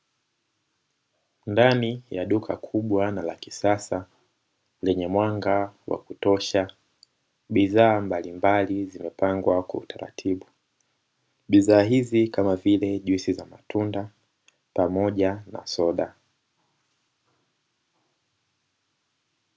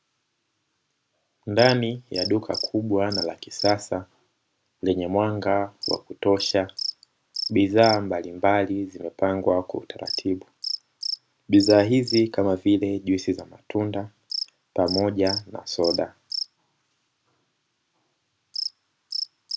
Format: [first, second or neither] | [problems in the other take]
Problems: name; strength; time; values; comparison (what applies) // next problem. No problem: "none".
first | background sound (Cricket); 11 dB below the speech